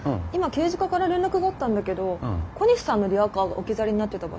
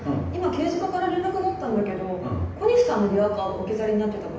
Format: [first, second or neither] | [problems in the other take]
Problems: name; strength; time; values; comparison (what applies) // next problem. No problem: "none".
first | room echo; dies away in 0.9 s